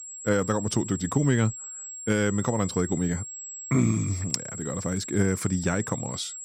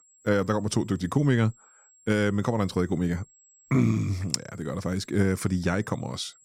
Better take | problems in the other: second | high-pitched whine; loud; throughout; 7.5 kHz, 9 dB below the speech; faint in the second

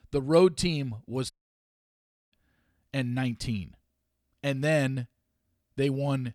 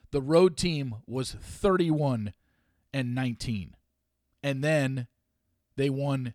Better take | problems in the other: second | audio cutting out; at 1.5 s for 1 s

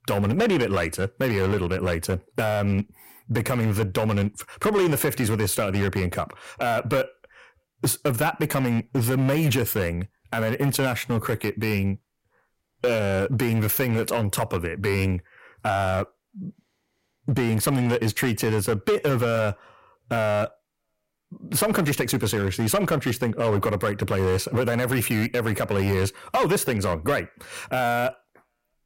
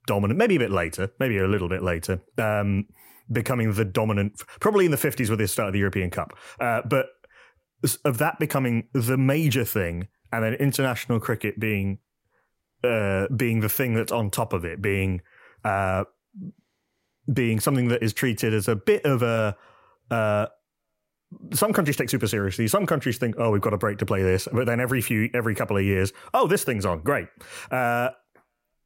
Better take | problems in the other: second | distortion; slight; 9% of the sound clipped

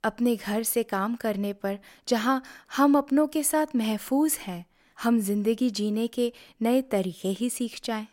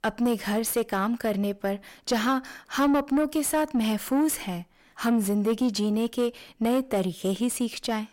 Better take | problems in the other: first | distortion; slight; 10 dB below the speech

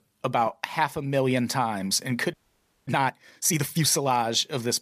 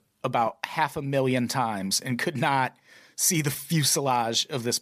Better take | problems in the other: second | audio freezing; at 2.5 s for 0.5 s

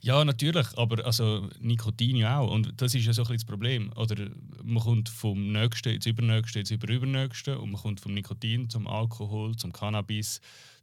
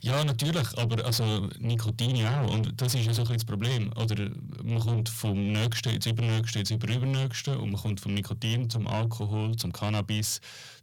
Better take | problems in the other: first | distortion; heavy; 8 dB below the speech

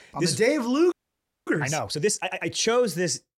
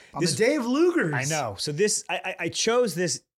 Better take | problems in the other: second | audio freezing; at 1 s for 0.5 s

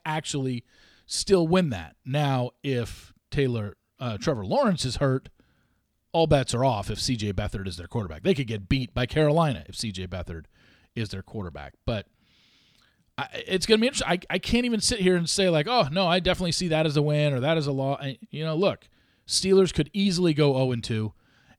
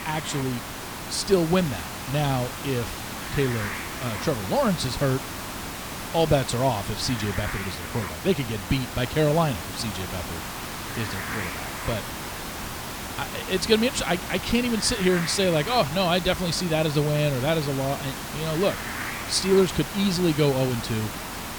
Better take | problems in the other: first | hiss; loud; throughout; 7 dB below the speech

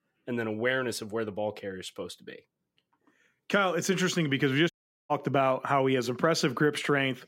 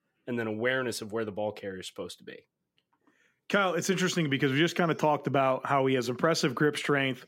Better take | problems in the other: second | audio cutting out; at 4.5 s

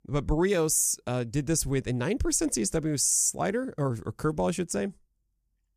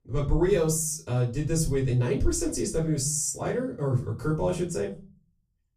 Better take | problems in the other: first | room echo; slight; dies away in 0.4 s // off-mic speech; far

